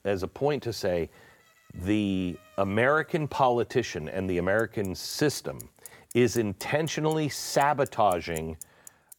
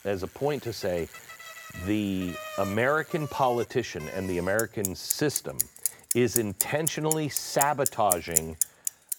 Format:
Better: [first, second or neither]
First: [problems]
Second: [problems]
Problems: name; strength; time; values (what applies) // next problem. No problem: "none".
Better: first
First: traffic noise; faint; throughout; 20 dB below the speech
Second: traffic noise; loud; throughout; 1 dB below the speech